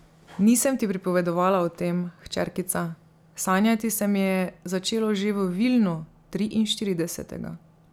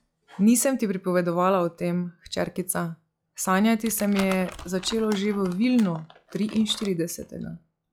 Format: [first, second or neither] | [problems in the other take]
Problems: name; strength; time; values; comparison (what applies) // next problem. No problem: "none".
first | noise reduction (classical method log-MMSE)